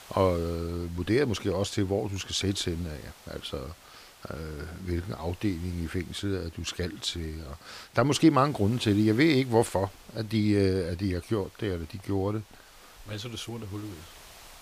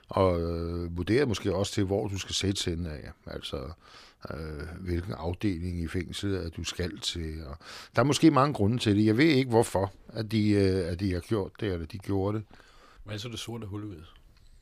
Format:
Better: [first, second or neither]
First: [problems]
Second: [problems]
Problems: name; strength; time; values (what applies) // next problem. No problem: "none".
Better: second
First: hiss; faint; throughout; 25 dB below the speech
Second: none